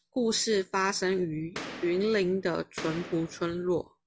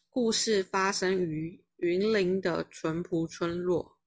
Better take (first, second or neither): second